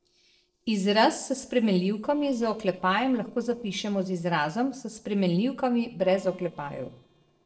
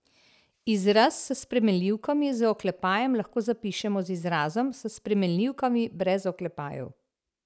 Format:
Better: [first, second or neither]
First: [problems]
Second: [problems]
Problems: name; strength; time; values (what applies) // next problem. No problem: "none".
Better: second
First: noise reduction (neural separator model SepFormer DNS4)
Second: none